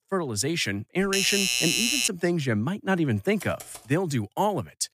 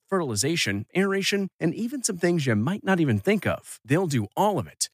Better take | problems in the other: second | doorbell; loud; from 1 to 2 s; peak 5 dB above the speech // keyboard typing; faint; at 3.5 s; peak 15 dB below the speech

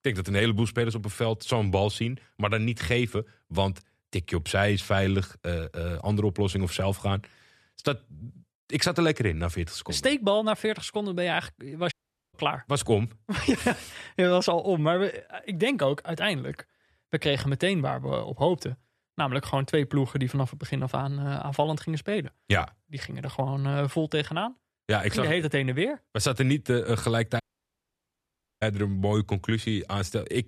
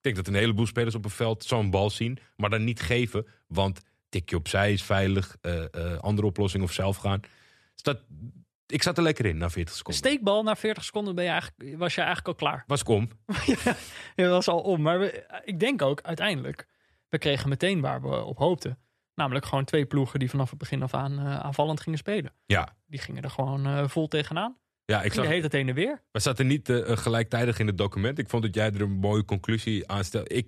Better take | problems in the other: second | audio cutting out; at 12 s and at 27 s for 1 s

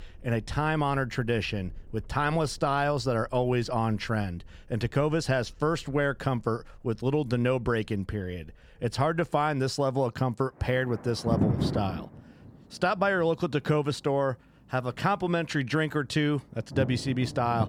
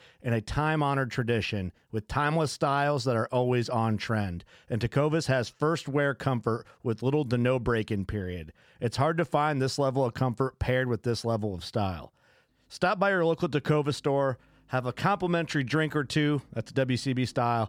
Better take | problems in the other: second | rain or running water; loud; throughout; 6 dB below the speech

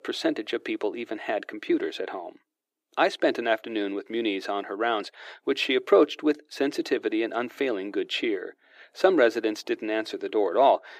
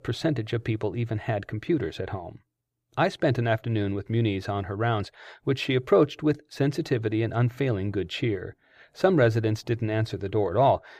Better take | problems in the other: second | thin; somewhat; fading below 250 Hz

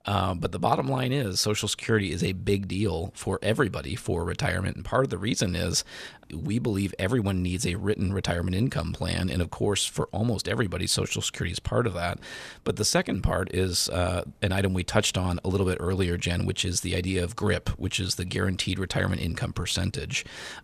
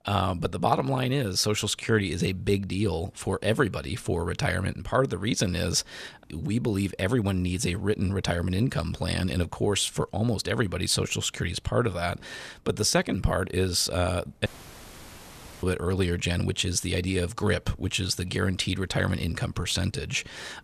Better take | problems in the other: first | audio cutting out; filled with static; at 14 s for 1 s

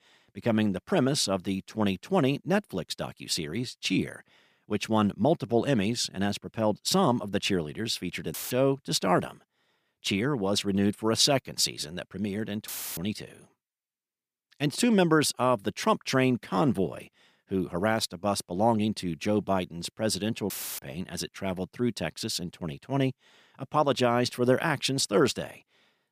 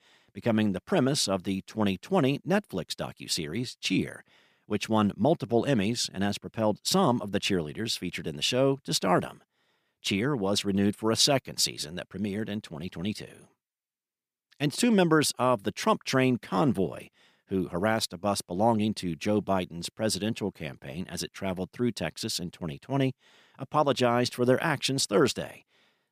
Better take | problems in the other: second | audio cutting out; filled with static; at 8.5 s, at 13 s and at 21 s

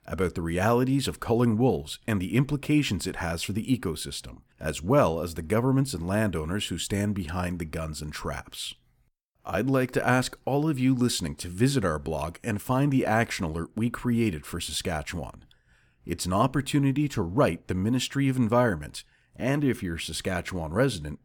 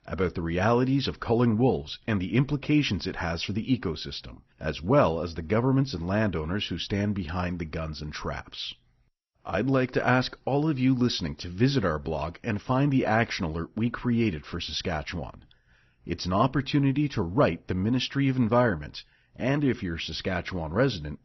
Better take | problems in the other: first | garbled, watery; slightly; nothing above 6 kHz

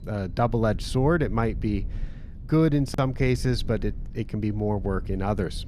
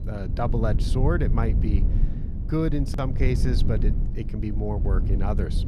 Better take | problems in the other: first | low rumble; loud; throughout; 8 dB below the speech; faint in the first

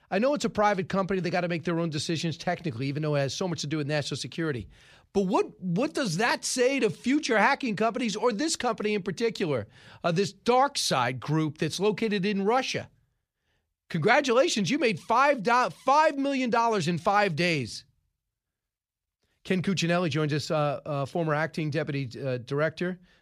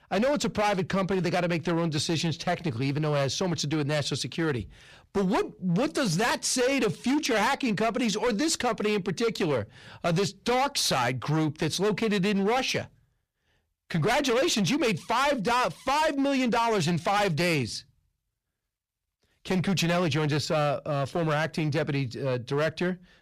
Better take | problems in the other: first | distortion; heavy; 16% of the sound clipped

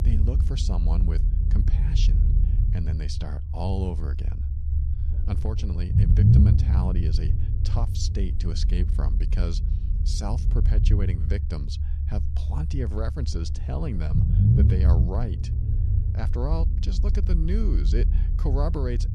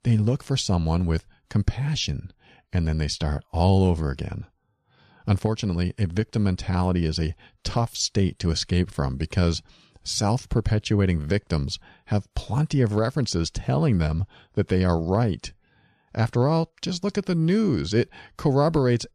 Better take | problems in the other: second | low rumble; loud; throughout; 2 dB below the speech

